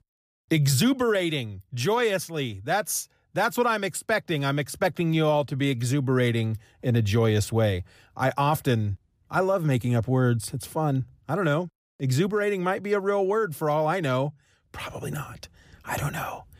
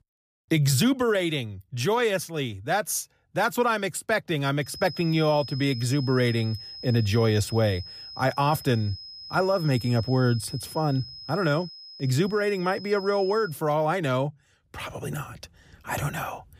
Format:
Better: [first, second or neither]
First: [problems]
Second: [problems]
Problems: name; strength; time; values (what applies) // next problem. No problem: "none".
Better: first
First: none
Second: high-pitched whine; noticeable; from 4.5 to 13 s; 5 kHz, 15 dB below the speech